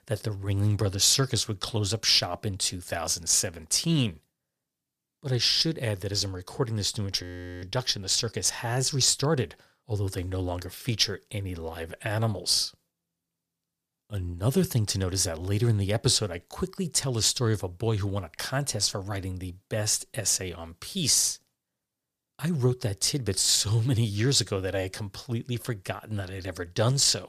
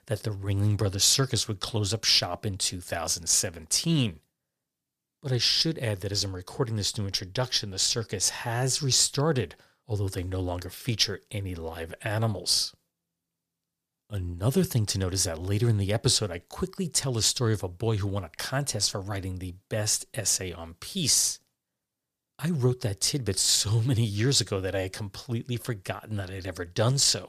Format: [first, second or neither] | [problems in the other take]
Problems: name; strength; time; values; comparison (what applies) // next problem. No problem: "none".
second | audio freezing; at 7 s